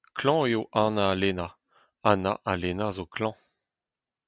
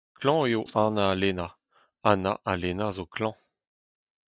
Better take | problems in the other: first | noise reduction (neural mask model DeepFilterNet 3)

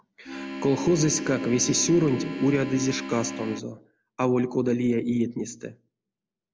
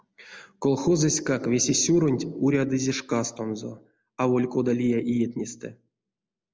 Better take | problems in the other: second | background sound (Organ); 9 dB below the speech

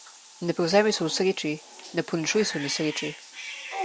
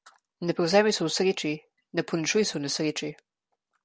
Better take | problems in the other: second | background sound (Bathtub (filling or washing) / Cat); 12 dB below the speech

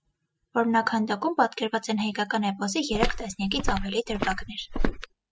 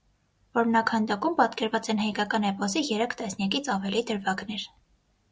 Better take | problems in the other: second | noise reduction (classical method spectral subtraction)

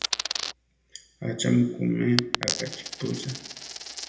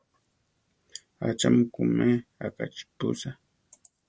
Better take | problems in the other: second | background sound (Coin (dropping)); 5 dB below the speech // room echo; dies away in 0.8 s

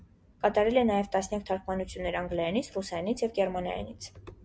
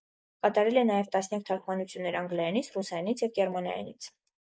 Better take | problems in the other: first | noise reduction (neural mask model Resemble Enhance denoiser)

